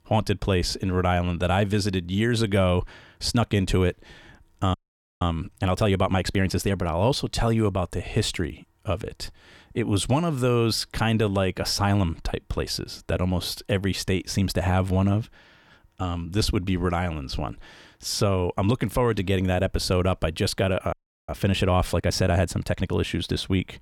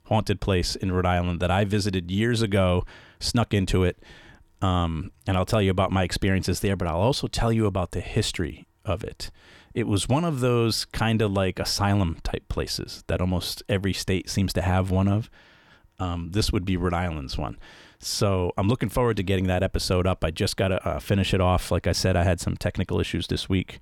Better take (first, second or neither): second